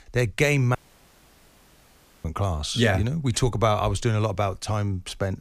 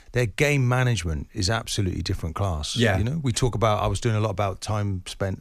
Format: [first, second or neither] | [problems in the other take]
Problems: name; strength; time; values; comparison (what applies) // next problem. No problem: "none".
second | audio cutting out; at 1 s for 1.5 s